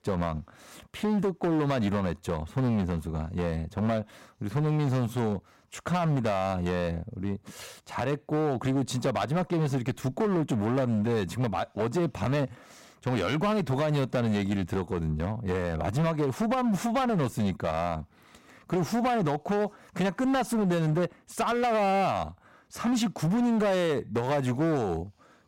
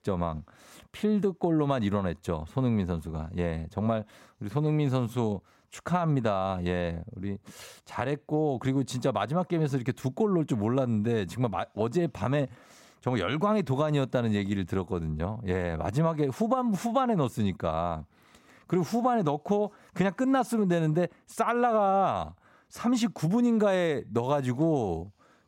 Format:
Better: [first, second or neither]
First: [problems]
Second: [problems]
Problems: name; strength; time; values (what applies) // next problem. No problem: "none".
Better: second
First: distortion; slight; 15% of the sound clipped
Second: none